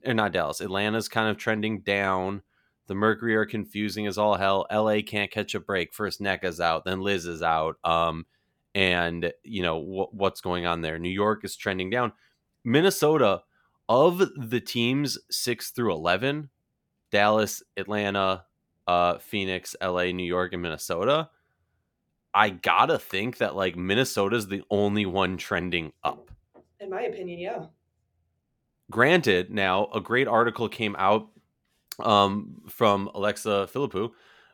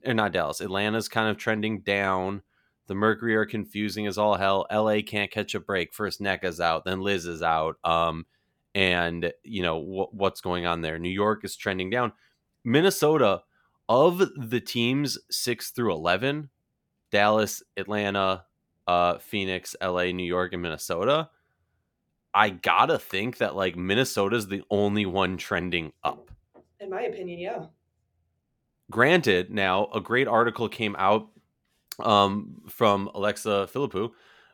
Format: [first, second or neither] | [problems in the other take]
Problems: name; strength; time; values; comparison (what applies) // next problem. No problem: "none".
neither | none